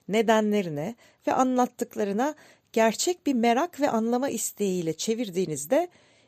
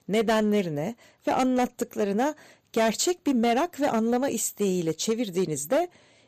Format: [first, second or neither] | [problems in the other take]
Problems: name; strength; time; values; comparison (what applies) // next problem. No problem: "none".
first | distortion; slight; 6% of the sound clipped